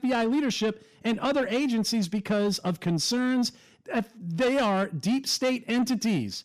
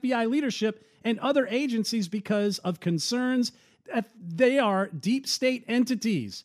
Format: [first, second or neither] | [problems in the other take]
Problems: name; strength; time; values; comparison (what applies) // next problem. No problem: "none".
second | distortion; slight; 10 dB below the speech